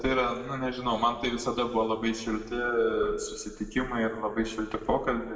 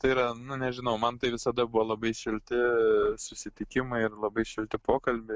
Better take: second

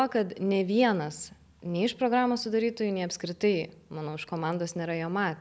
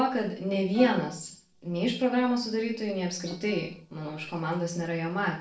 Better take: first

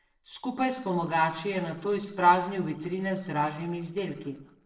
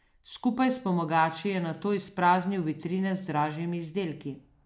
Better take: second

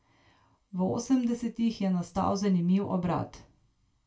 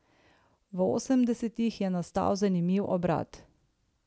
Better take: second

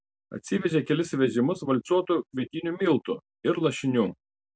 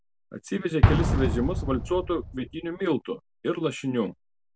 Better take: first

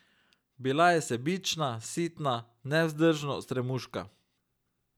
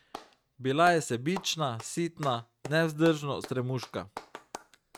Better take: first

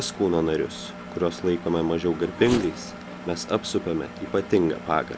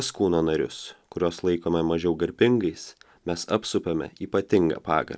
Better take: second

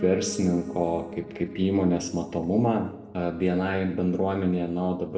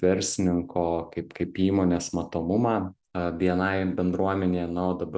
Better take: second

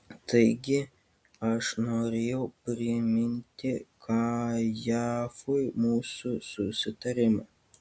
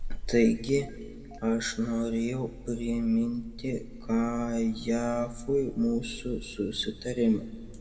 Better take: first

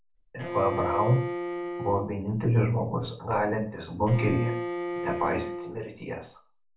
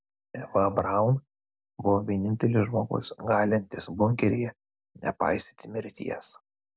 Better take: second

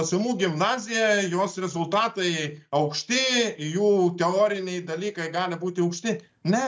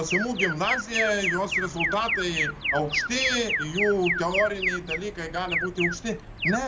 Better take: first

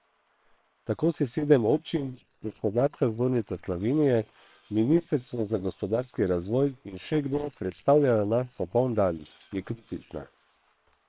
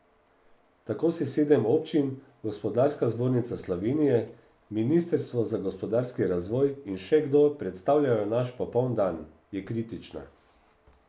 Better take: second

